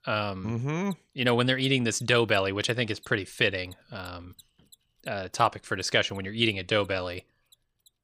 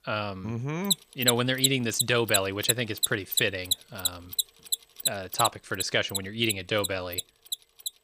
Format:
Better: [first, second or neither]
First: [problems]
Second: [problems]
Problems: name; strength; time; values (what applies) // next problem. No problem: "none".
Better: first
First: machinery noise; faint; throughout; 30 dB below the speech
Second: machinery noise; loud; throughout; 1 dB below the speech